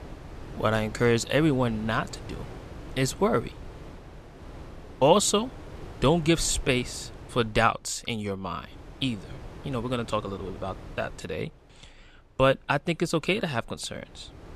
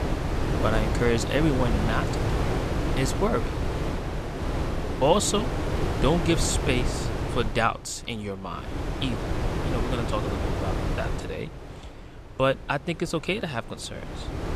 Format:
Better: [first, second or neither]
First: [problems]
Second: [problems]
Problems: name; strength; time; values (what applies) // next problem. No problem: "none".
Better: first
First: wind noise on the microphone; occasional gusts; 20 dB below the speech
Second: wind noise on the microphone; heavy; 4 dB below the speech